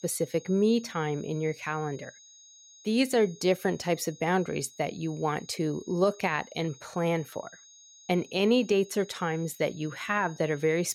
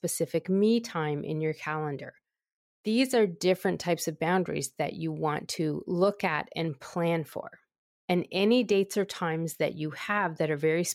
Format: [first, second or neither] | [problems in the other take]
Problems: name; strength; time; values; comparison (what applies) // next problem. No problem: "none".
second | high-pitched whine; faint; throughout; 6.5 kHz, 20 dB below the speech